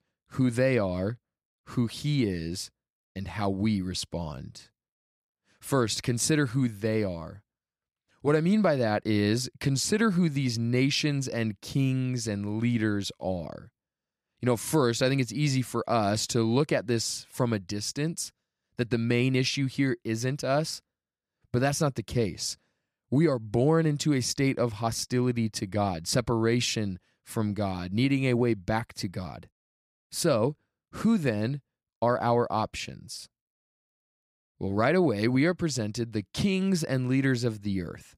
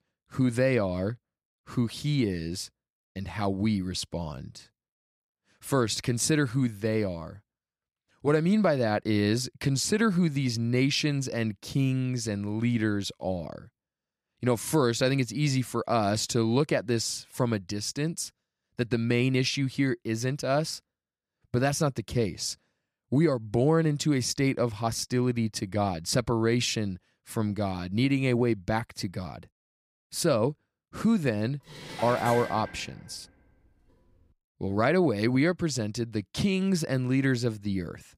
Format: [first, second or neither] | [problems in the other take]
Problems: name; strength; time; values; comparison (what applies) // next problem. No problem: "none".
first | clattering dishes; noticeable; from 32 to 33 s; peak 7 dB below the speech